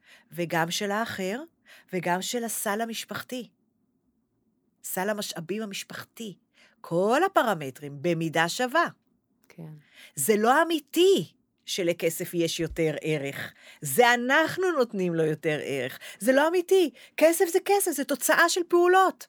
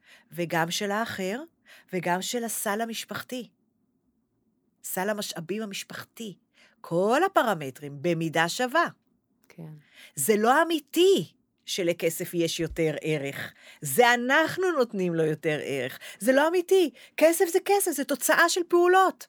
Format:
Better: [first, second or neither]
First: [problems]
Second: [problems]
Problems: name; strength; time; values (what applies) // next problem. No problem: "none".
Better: neither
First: none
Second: none